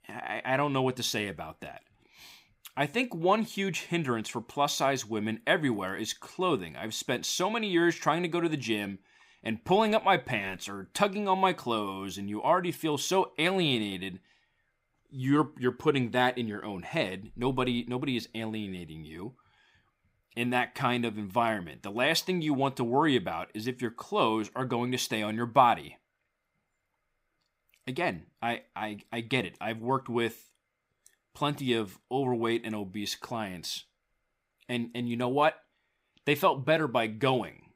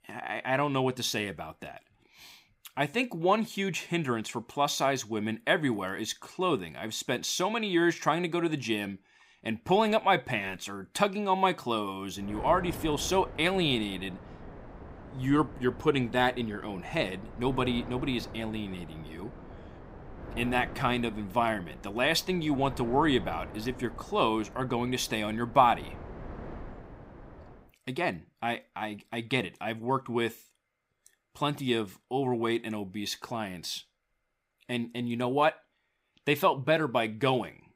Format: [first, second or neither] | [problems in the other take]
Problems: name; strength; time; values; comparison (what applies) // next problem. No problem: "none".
first | wind noise on the microphone; occasional gusts; from 12 to 28 s; 20 dB below the speech